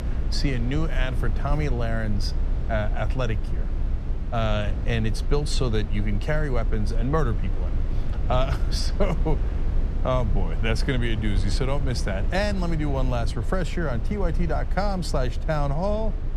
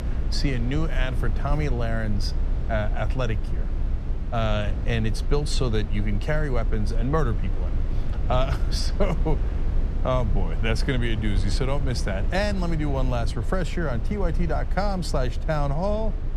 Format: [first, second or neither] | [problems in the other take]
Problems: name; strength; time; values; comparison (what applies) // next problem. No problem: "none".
neither | low rumble; noticeable; throughout; 15 dB below the speech; the same in both